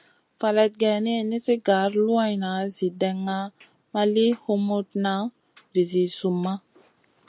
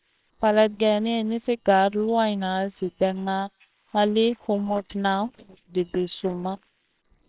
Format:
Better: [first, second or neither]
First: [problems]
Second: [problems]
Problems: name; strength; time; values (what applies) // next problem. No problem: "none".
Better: first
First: none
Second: noise reduction (neural separator model SepFormer WHAMR!)